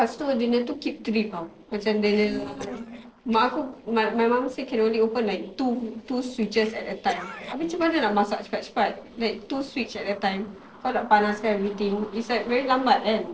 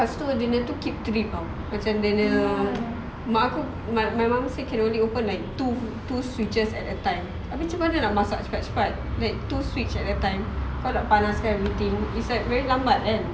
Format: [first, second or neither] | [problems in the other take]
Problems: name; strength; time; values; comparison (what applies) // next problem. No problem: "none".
second | noise reduction (neural separator model SepFormer DNS4)